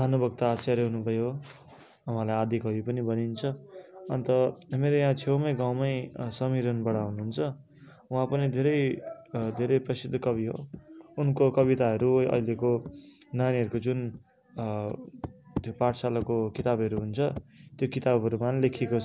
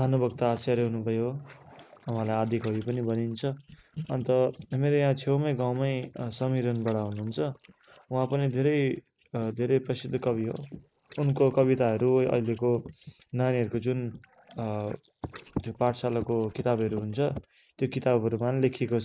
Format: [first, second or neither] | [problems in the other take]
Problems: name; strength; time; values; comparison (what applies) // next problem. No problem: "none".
first | noise reduction (neural mask model Resemble Enhance denoiser)